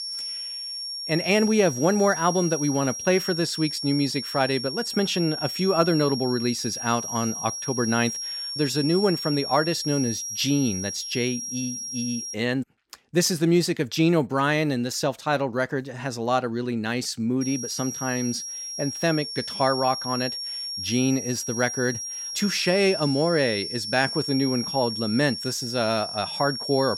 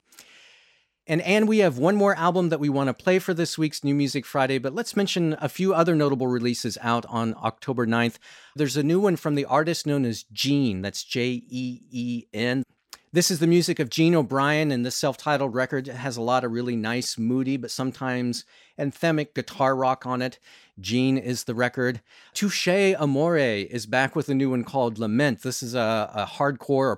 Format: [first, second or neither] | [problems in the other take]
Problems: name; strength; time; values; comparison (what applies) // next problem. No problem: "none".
second | high-pitched whine; loud; until 12 s and from 17 s on; 5.5 kHz, 5 dB below the speech